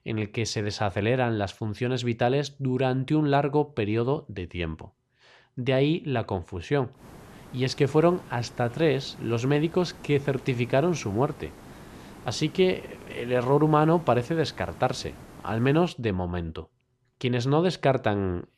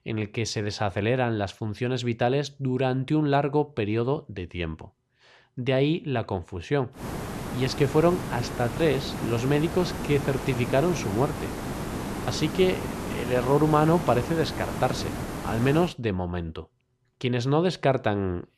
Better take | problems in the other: first | hiss; loud; from 7 to 16 s; 7 dB below the speech; faint in the first

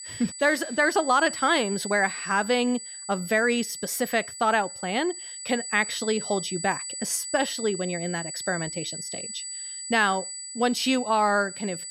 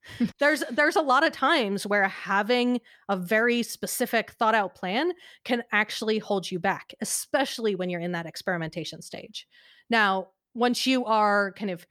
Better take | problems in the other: second | high-pitched whine; loud; throughout; 8 kHz, 8 dB below the speech

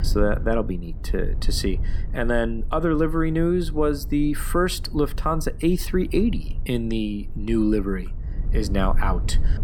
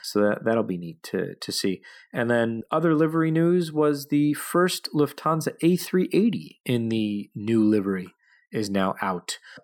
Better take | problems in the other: second | low rumble; faint; throughout; 20 dB below the speech

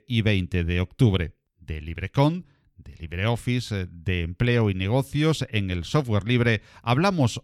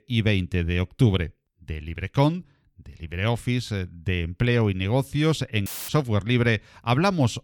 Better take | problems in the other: first | audio cutting out; filled with static; at 5.5 s

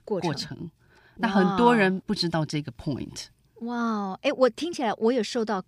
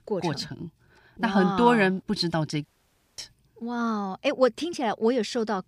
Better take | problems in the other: first | audio cutting out; at 2.5 s for 0.5 s

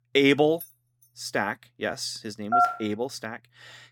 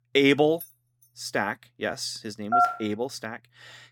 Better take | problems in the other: neither | jangling keys; faint; at 0.5 s; peak 15 dB below the speech; the same in both // phone ringing; loud; at 2.5 s; peak 4 dB above the speech; the same in both

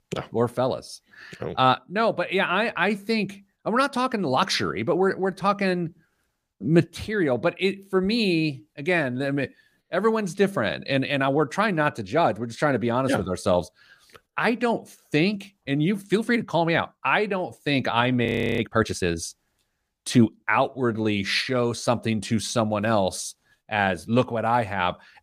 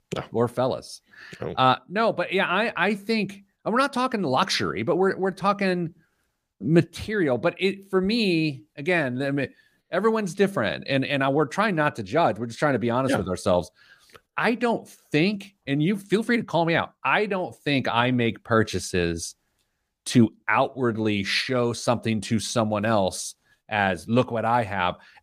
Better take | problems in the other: second | audio freezing; at 18 s

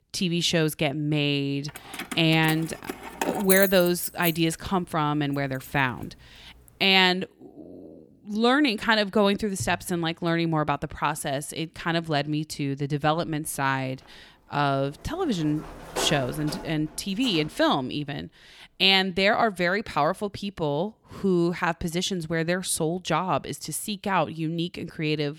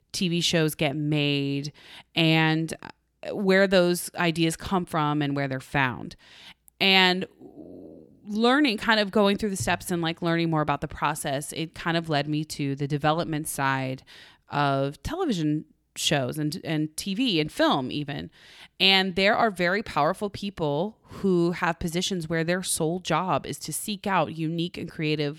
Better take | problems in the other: second | jangling keys; loud; from 2 to 4.5 s; peak 2 dB above the speech // door banging; noticeable; from 15 to 17 s; peak 6 dB below the speech

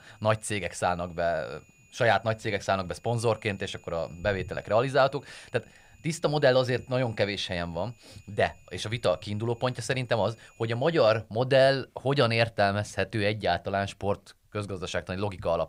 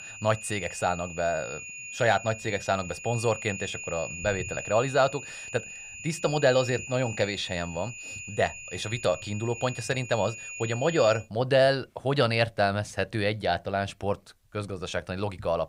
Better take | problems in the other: first | high-pitched whine; loud; until 11 s; 2.5 kHz, 10 dB below the speech; faint in the first

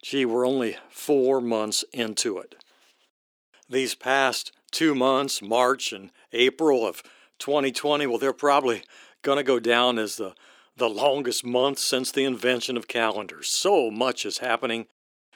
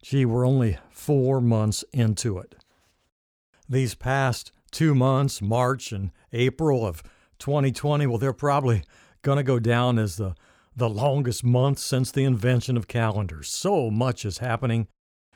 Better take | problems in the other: second | thin; somewhat; fading below 300 Hz

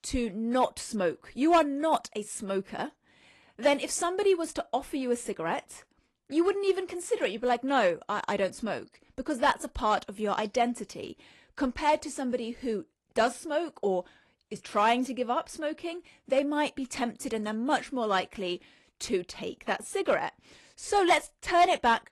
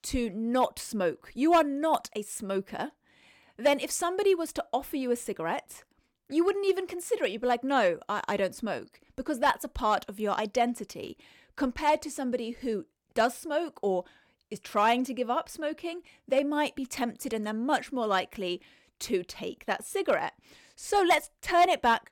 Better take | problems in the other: second | garbled, watery; slightly; nothing above 11.5 kHz

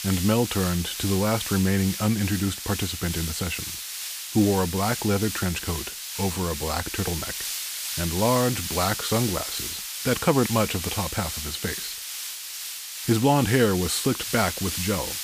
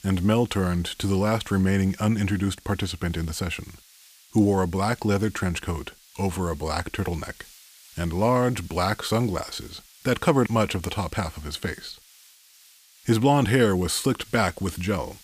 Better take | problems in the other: second | hiss; loud; throughout; 5 dB below the speech; faint in the second

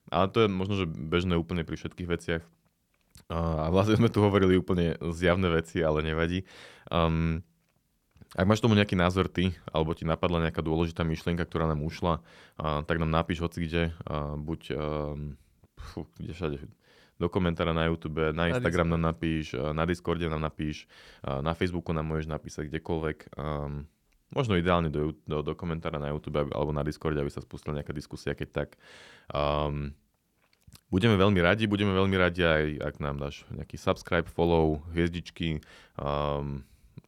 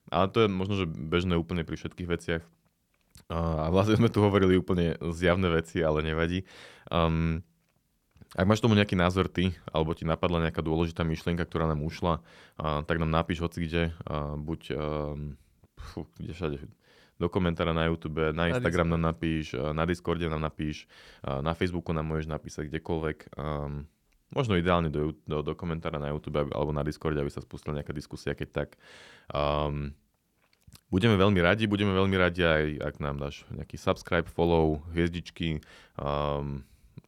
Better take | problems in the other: neither | none

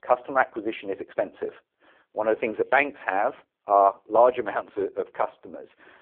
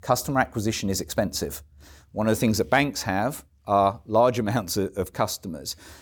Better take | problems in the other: second | phone-call audio; poor line

